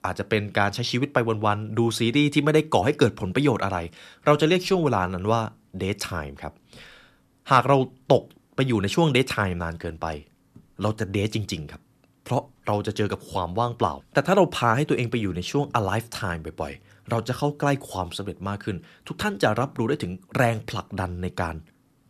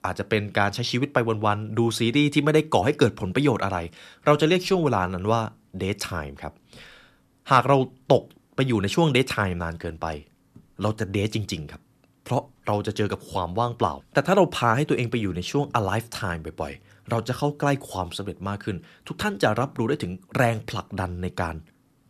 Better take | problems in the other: neither | none

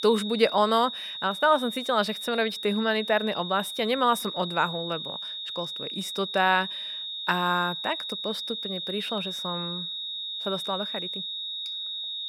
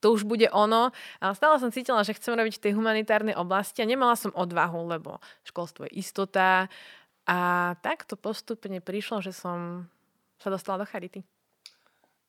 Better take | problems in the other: second | high-pitched whine; loud; throughout; 4 kHz, 5 dB below the speech

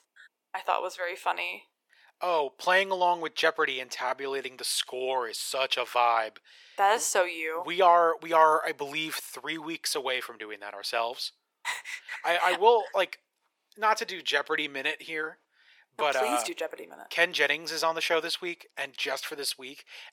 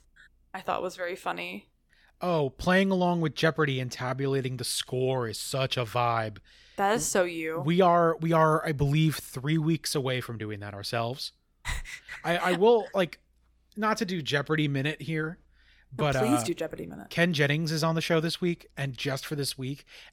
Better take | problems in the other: second | thin; very; fading below 450 Hz

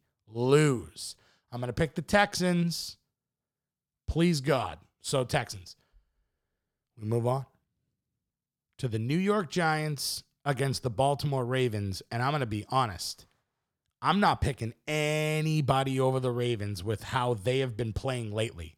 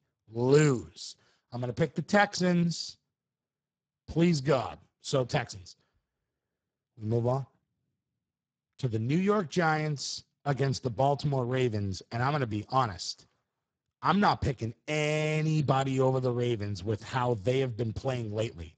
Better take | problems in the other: first | garbled, watery; badly; nothing above 7.5 kHz

